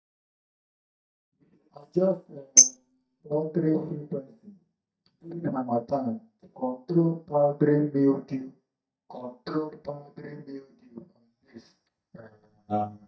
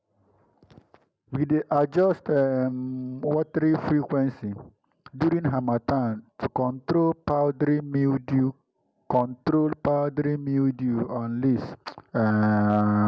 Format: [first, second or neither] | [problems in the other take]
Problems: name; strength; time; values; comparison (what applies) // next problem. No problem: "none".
second | noise reduction (neural mask model DeepFilterNet 3)